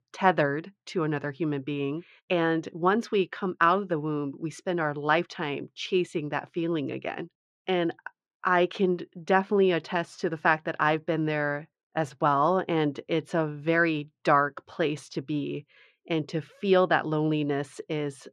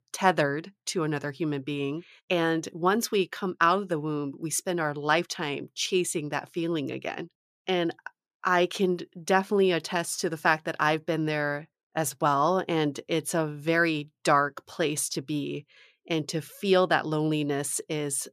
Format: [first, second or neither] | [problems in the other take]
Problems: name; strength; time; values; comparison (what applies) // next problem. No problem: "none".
second | muffled; slightly; fading above 3 kHz